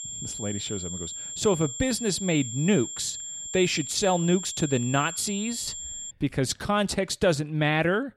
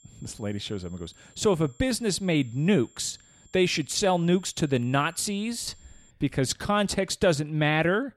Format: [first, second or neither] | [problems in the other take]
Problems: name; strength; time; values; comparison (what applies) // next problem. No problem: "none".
second | high-pitched whine; loud; until 6 s; 7.5 kHz, 7 dB below the speech; faint in the second